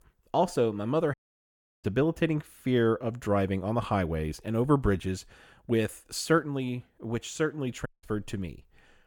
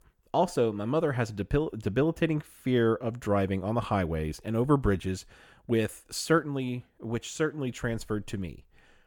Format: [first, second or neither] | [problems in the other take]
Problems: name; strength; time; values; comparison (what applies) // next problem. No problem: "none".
second | audio cutting out; at 1 s for 0.5 s and at 8 s